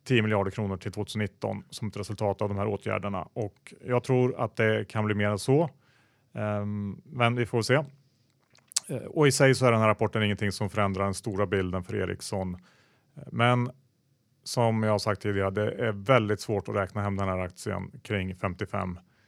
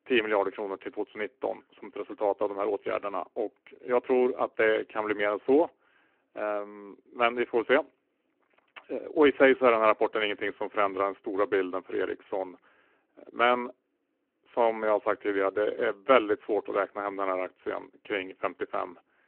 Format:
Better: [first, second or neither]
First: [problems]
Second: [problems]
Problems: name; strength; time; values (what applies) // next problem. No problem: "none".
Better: first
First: none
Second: phone-call audio